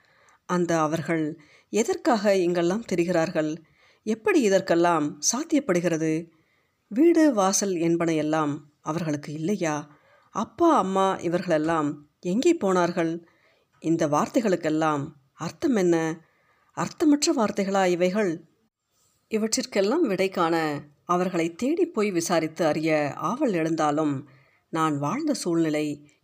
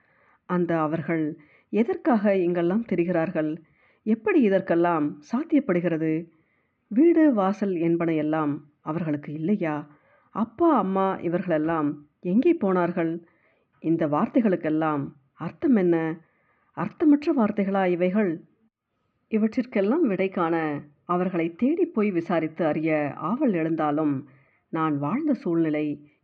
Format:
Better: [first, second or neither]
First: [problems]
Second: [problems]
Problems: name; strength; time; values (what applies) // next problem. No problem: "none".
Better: first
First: none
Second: muffled; very; fading above 2.5 kHz